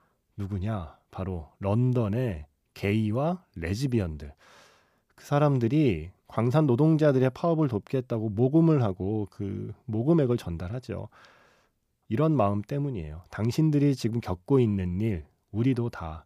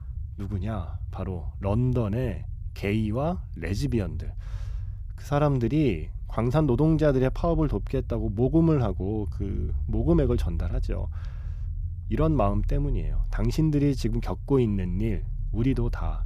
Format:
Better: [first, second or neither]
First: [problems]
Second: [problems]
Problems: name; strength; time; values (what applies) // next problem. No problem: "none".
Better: first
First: none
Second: low rumble; faint; throughout; 20 dB below the speech